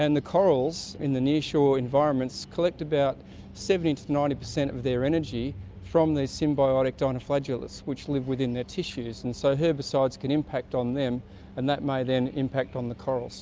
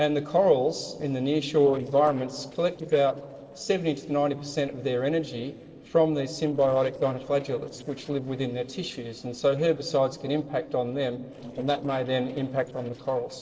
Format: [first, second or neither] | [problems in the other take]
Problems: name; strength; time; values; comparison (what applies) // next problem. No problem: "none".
first | noise reduction (neural separator model SepFormer DNS4)